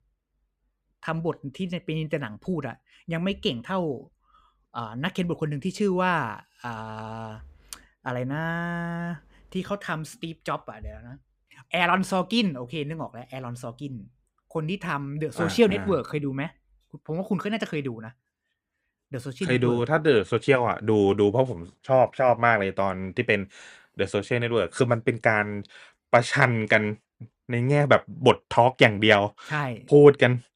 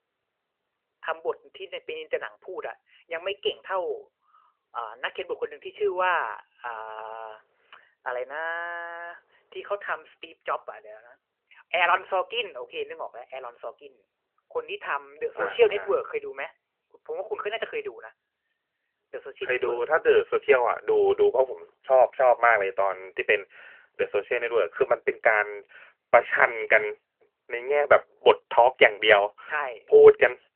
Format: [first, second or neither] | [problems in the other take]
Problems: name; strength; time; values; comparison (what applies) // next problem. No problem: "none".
first | phone-call audio; nothing above 3 kHz